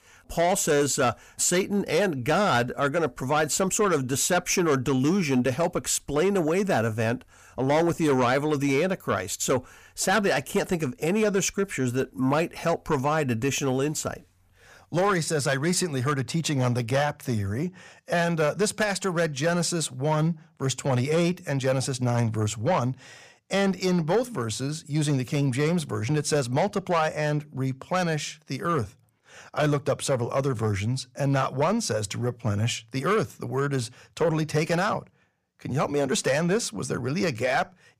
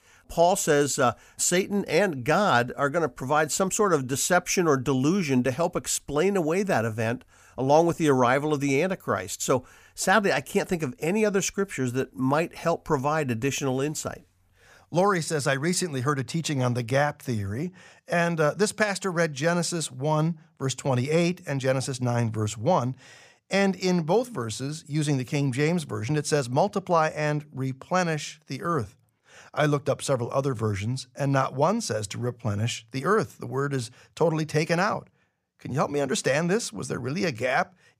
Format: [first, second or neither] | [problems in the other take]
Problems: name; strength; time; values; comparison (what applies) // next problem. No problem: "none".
second | distortion; slight; 10 dB below the speech